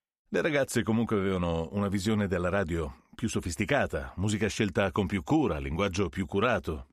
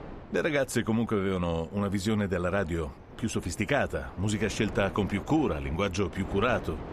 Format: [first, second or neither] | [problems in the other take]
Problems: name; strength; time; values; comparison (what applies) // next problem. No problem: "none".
first | wind noise on the microphone; occasional gusts; 15 dB below the speech